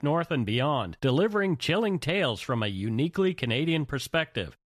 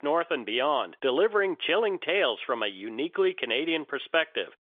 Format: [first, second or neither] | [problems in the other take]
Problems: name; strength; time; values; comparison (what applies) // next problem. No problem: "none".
first | phone-call audio; nothing above 3.5 kHz